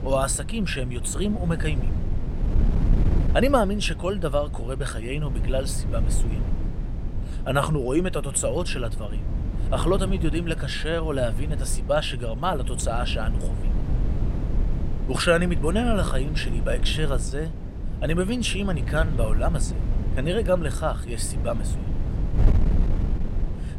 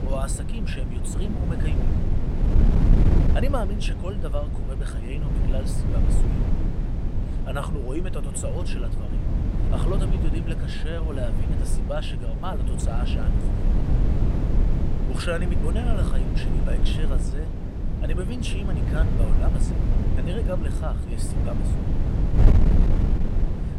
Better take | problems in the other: first | wind noise on the microphone; heavy; 1 dB below the speech; occasional gusts in the first

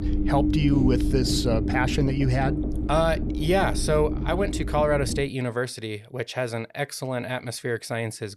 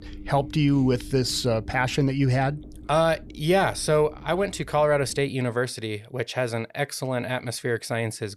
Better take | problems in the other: second | low rumble; loud; until 5 s; 7 dB below the speech; faint in the second

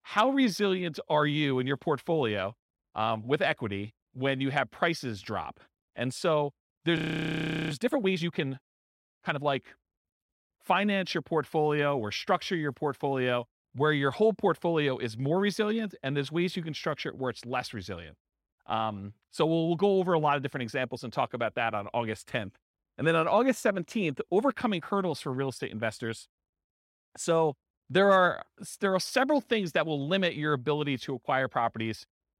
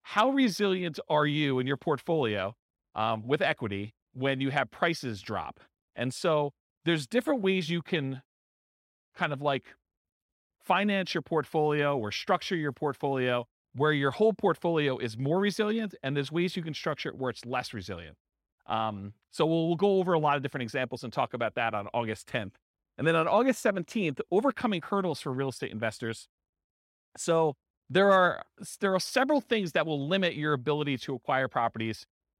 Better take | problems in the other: second | audio freezing; at 7 s for 0.5 s

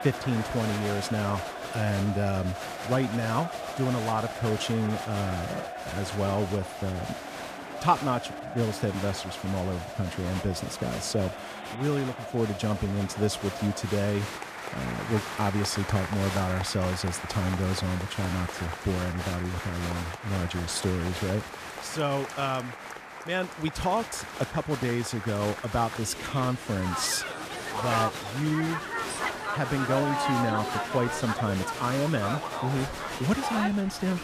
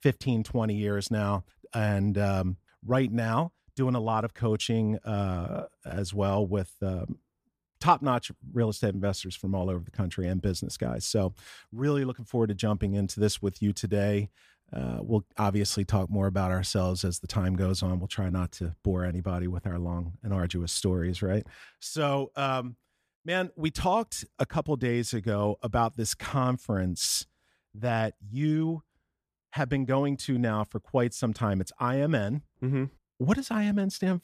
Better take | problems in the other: second | crowd noise; loud; throughout; 5 dB below the speech

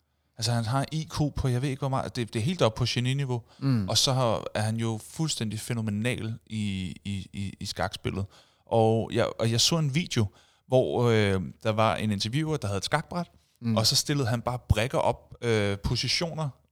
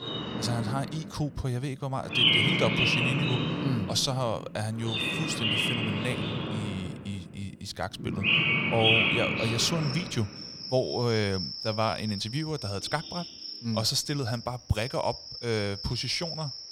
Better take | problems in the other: first | animal sounds; very loud; throughout; 3 dB above the speech

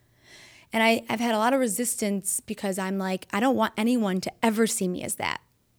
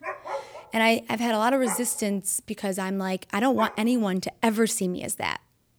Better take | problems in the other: first | dog barking; noticeable; until 3.5 s; peak 8 dB below the speech

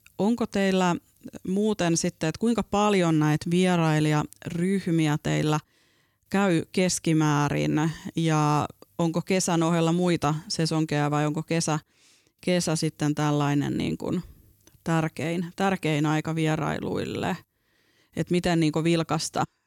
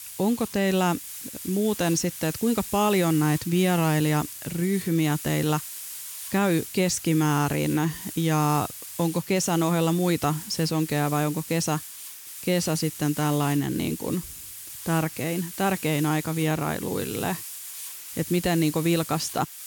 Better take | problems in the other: first | hiss; noticeable; throughout; 10 dB below the speech

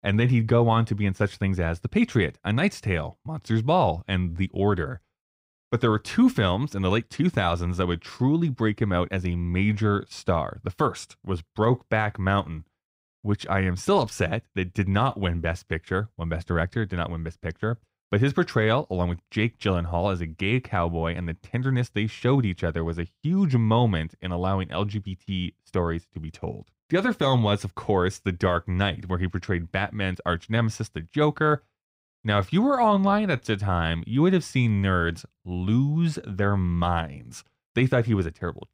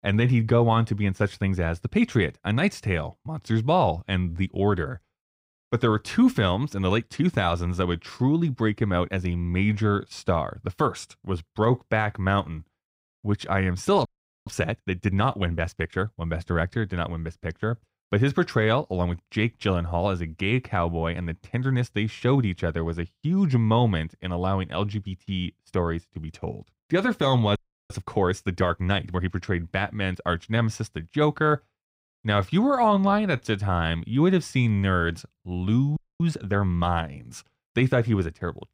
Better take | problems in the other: first | audio freezing; at 14 s, at 28 s and at 36 s

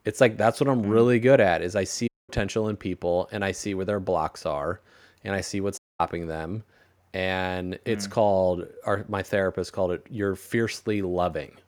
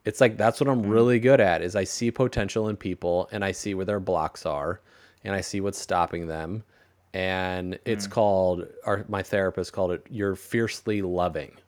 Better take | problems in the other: second | audio cutting out; at 2 s and at 6 s

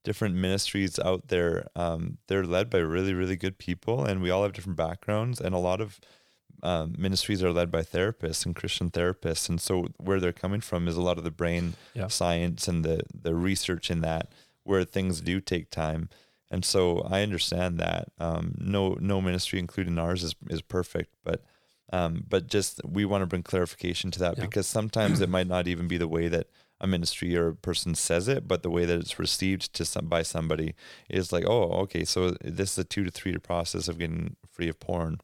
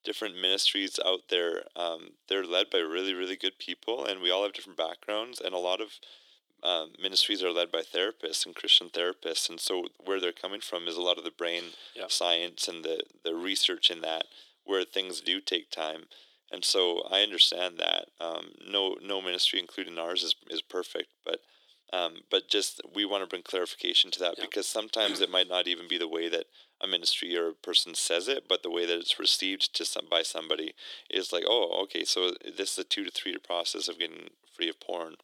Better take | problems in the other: first | thin; somewhat; fading below 300 Hz

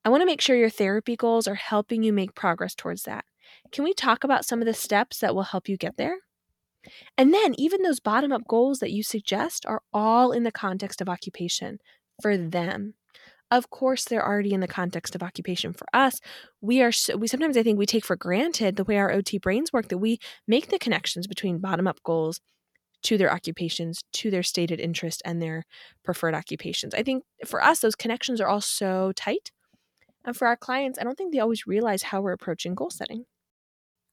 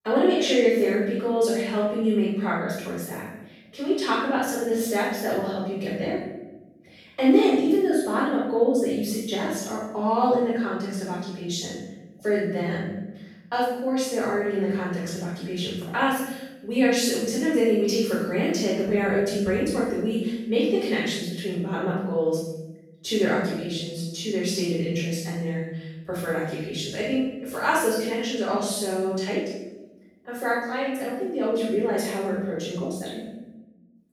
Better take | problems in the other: first | off-mic speech; far // room echo; strong; dies away in 0.9 s

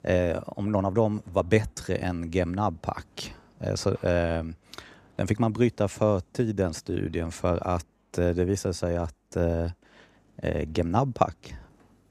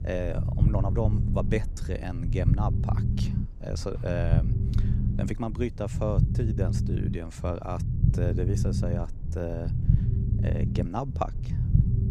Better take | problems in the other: first | low rumble; loud; throughout; 5 dB below the speech

